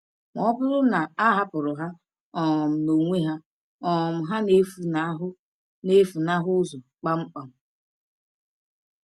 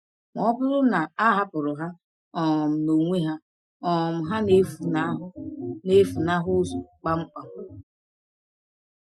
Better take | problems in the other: first | noise reduction (classical method Wiener filter)

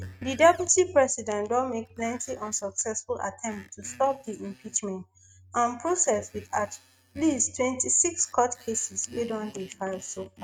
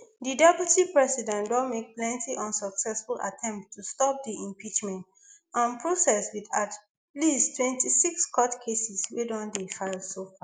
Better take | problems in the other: second | noise reduction (neural mask model RNNoise)

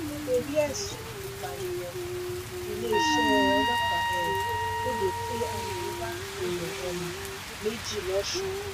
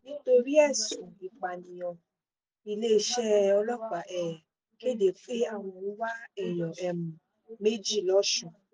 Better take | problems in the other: second | background sound (Trumpet + Rain); 3 dB above the speech

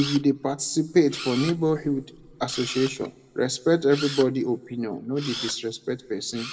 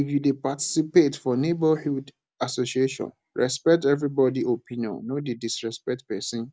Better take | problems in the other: second | background sound (Camera); 14 dB below the speech // room echo; dies away in 1.7 s

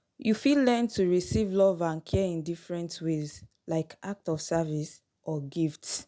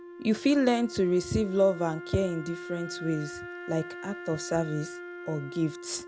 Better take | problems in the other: first | background sound (Wind instrument, woodwind instrument); 12 dB below the speech

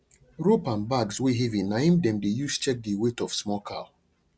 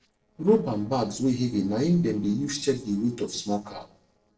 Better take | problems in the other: first | noise reduction (neural separator model SepFormer DNS4)

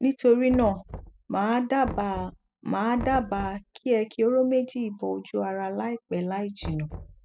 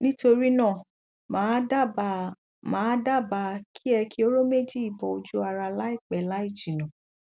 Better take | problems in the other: second | noise reduction (classical method spectral subtraction)

